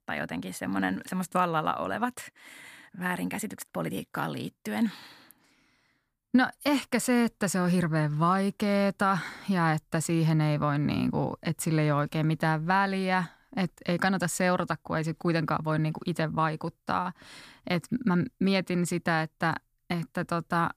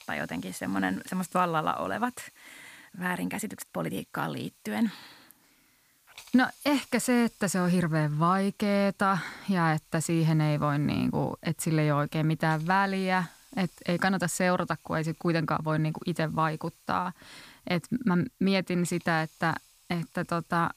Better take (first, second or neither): first